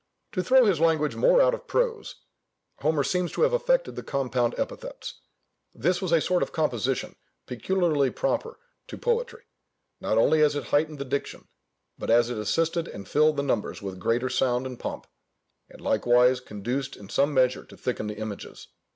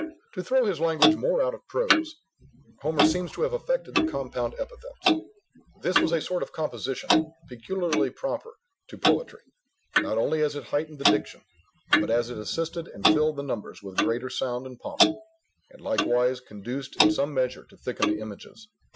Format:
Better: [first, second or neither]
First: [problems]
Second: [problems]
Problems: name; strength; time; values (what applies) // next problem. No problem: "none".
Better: first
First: none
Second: noise reduction (classical method Wiener filter)